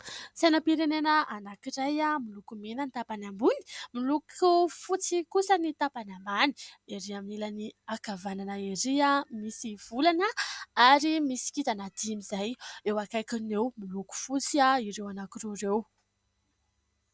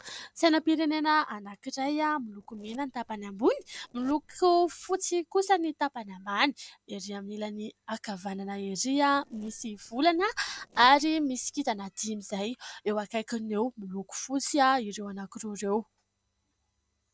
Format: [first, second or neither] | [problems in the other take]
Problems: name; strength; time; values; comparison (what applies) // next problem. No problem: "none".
first | noise reduction (neural separator model SepFormer DNS4)